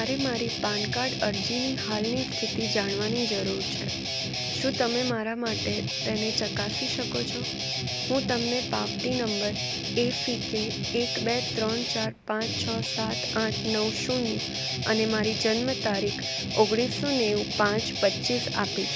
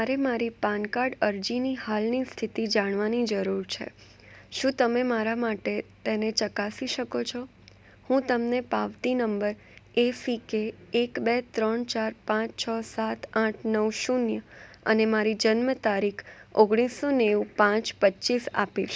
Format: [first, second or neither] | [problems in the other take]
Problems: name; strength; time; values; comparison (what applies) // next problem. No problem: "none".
second | background sound (Guitar); 1 dB below the speech